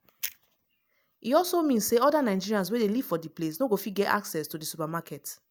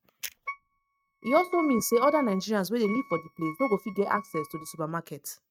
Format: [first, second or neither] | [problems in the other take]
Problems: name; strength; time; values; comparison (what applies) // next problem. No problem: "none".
first | noise reduction (neural mask model RNNoise)